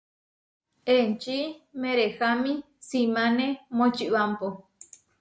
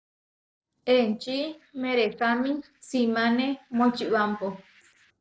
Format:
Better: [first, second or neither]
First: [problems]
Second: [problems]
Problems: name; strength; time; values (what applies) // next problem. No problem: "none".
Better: first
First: none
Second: noise reduction (neural separator model SepFormer DNS4)